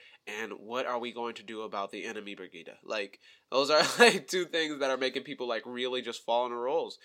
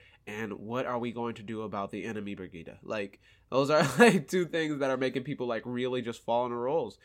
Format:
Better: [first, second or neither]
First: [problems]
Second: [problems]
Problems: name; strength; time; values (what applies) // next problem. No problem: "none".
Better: second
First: thin; somewhat; fading below 350 Hz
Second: none